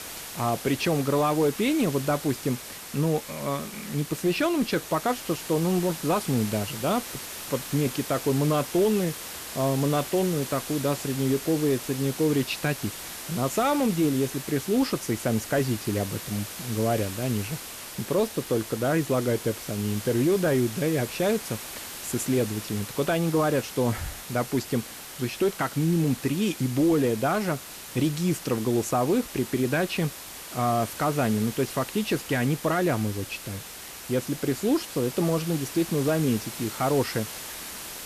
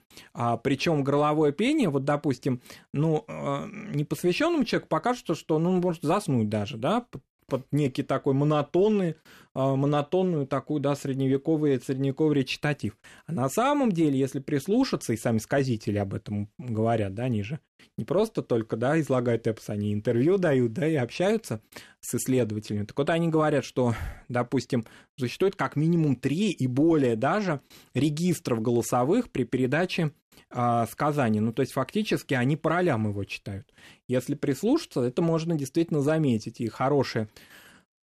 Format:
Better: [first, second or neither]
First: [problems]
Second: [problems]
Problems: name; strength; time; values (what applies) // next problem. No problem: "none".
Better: second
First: hiss; loud; throughout; 10 dB below the speech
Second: none